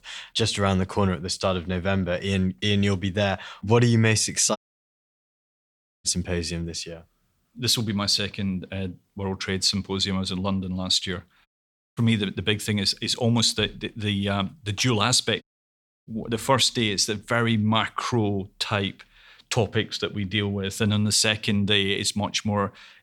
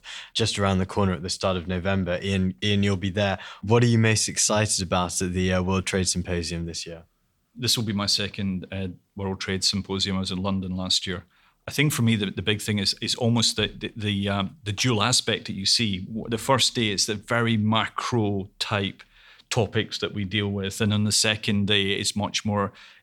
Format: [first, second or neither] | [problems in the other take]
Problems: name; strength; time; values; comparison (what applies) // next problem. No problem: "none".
second | audio cutting out; at 4.5 s for 1.5 s, at 11 s for 0.5 s and at 15 s for 0.5 s